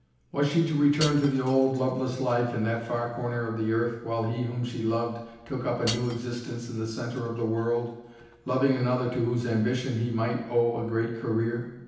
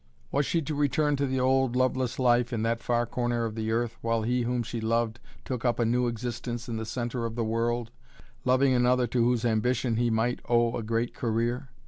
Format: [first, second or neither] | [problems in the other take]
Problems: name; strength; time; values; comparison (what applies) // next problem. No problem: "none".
second | background sound (Shatter / Crushing); 16 dB below the speech // room echo; dies away in 0.9 s